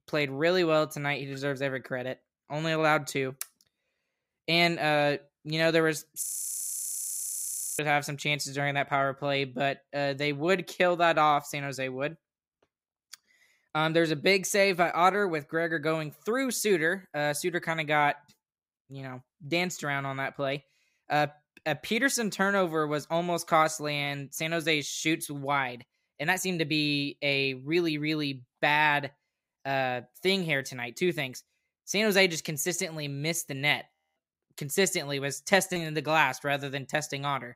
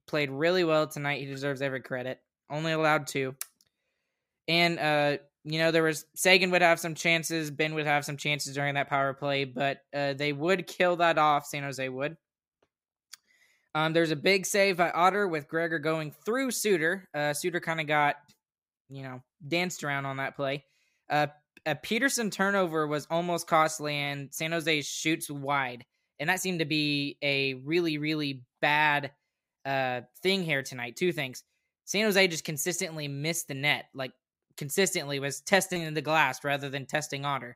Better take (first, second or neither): second